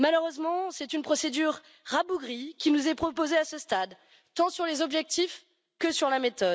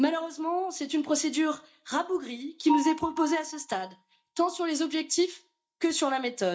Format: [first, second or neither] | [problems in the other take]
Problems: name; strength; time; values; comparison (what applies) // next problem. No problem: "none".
first | noise reduction (neural mask model DeepFilterNet 3)